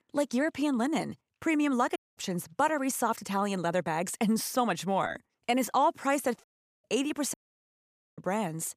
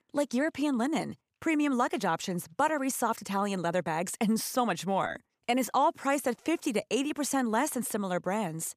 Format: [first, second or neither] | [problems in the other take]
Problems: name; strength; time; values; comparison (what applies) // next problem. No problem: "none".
second | audio cutting out; at 2 s, at 6.5 s and at 7.5 s for 1 s